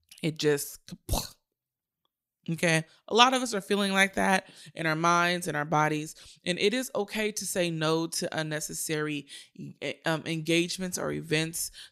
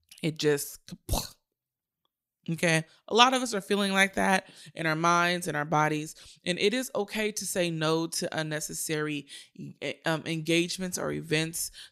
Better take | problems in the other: neither | none

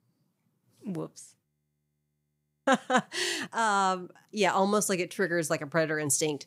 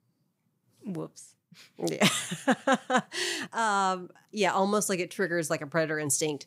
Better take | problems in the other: second | audio freezing; at 1.5 s for 1 s

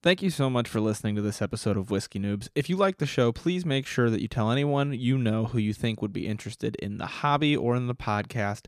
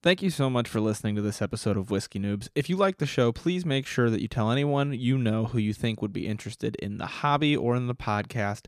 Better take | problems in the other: neither | none

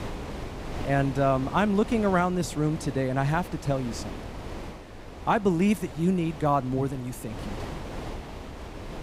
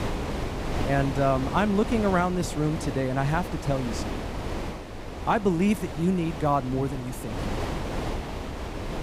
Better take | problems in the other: first | wind noise on the microphone; heavy; 8 dB below the speech; occasional gusts in the first

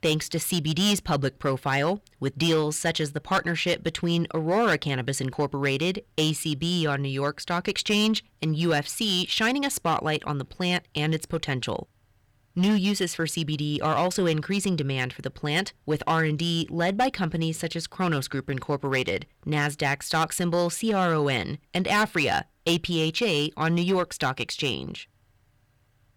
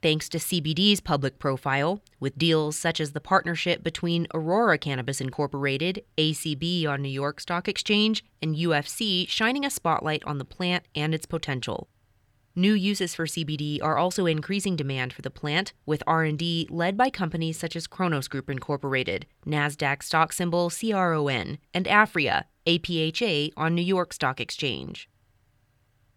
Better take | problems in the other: second | distortion; slight; 5% of the sound clipped

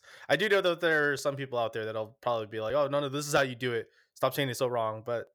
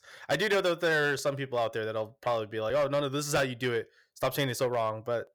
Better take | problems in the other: first | distortion; slight; 6% of the sound clipped

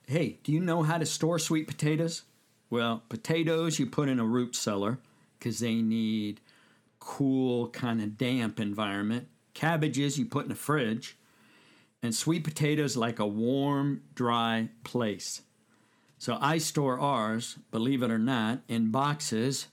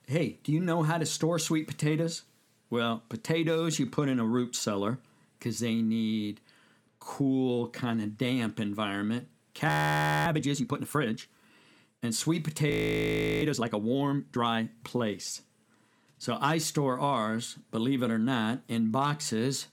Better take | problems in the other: first | audio freezing; at 9.5 s for 0.5 s and at 13 s for 0.5 s

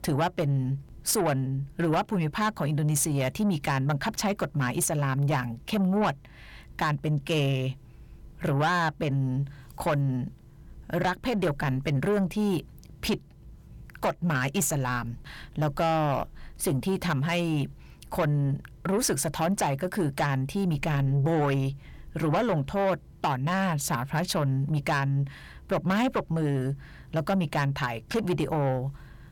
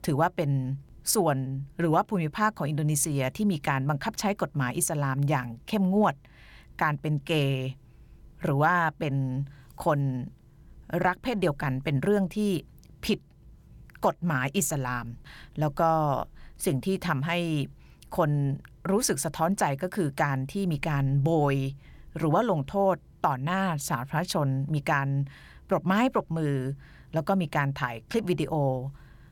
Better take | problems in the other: second | distortion; slight; 10 dB below the speech

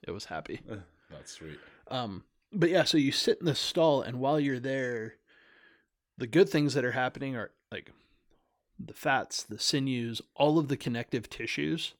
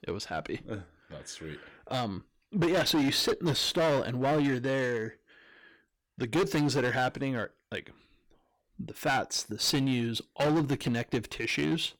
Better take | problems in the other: first | distortion; heavy; 10% of the sound clipped

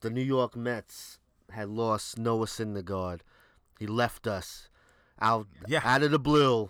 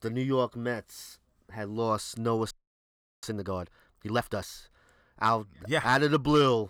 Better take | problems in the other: first | audio freezing; at 2.5 s for 0.5 s

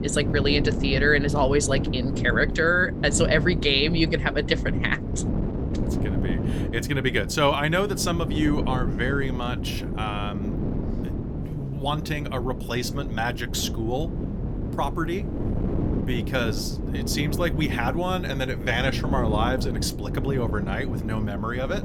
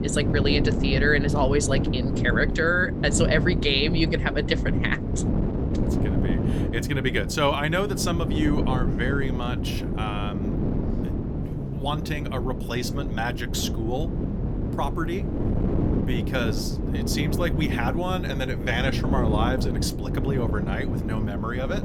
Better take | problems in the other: first | wind noise on the microphone; heavy; 7 dB below the speech; occasional gusts in the first

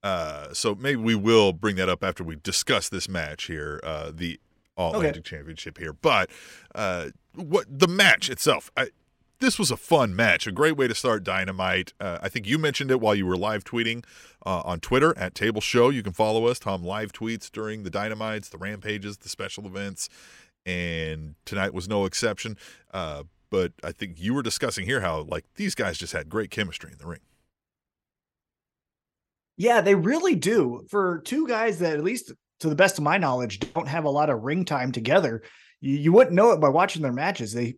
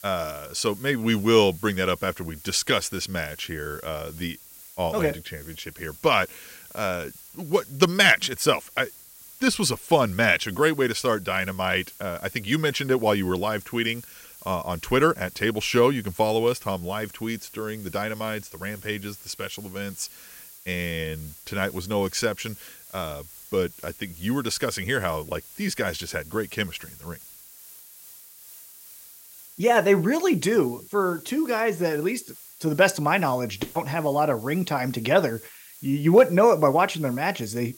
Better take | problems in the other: first | hiss; noticeable; throughout; 20 dB below the speech

